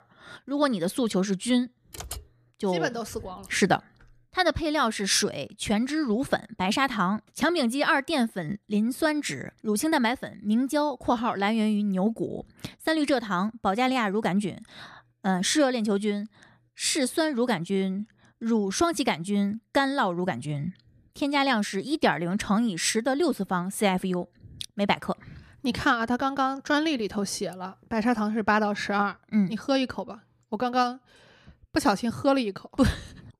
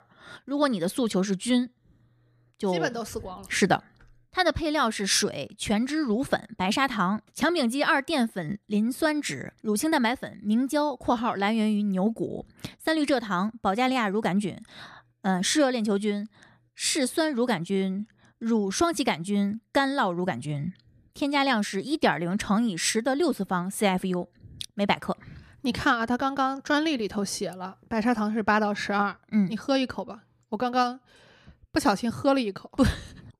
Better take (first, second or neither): second